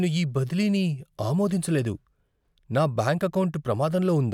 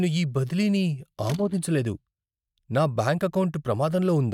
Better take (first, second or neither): first